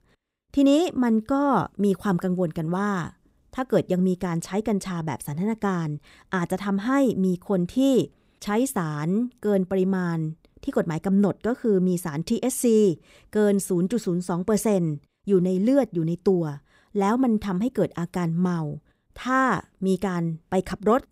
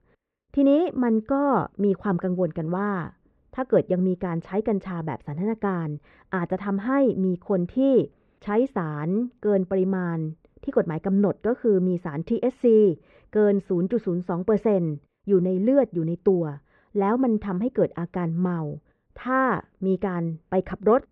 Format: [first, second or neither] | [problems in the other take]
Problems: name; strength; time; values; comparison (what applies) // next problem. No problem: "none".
first | muffled; very; fading above 2.5 kHz